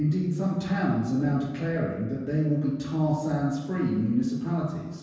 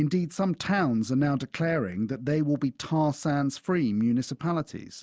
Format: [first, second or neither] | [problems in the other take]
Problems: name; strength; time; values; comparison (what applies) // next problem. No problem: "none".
second | room echo; dies away in 1.2 s